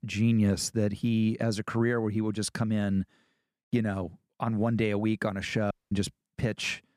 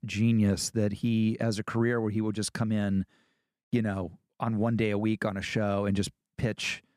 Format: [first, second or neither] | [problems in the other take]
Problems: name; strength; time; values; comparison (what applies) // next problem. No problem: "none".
second | audio cutting out; at 5.5 s